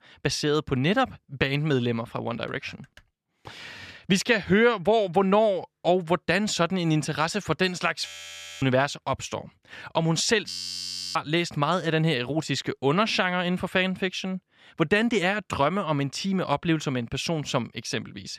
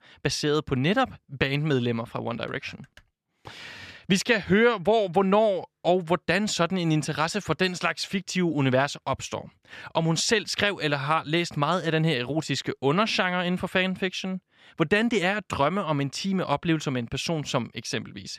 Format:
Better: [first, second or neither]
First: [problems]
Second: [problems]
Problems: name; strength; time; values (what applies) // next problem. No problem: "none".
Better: second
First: audio freezing; at 8 s for 0.5 s and at 10 s for 0.5 s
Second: none